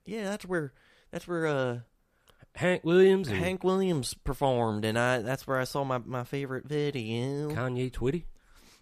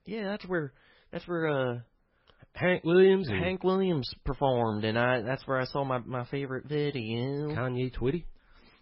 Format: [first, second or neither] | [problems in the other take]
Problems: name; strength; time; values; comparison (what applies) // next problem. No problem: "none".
first | garbled, watery; badly; nothing above 5.5 kHz